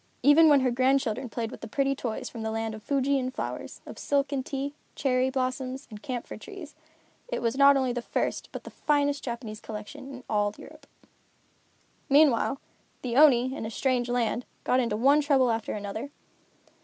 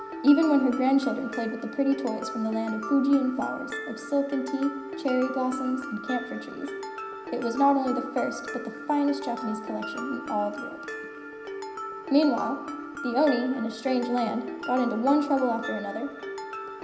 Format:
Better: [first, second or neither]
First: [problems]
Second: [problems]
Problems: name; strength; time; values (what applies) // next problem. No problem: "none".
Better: first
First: none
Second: background sound (Mallet percussion); 9 dB below the speech // room echo; dies away in 0.9 s